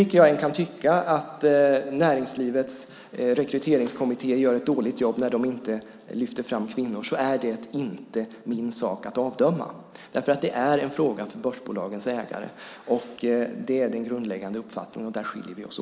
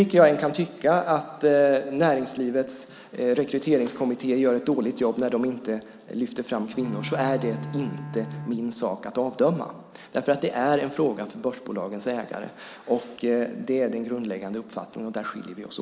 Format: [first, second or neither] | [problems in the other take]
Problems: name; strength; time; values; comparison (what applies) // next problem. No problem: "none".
first | background sound (Bowed string instrument); 10 dB below the speech